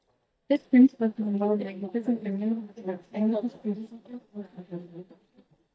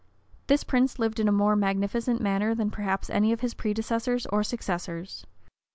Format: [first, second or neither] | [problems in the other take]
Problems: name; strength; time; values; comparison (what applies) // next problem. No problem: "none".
second | noise reduction (neural mask model DeepFilterNet 3)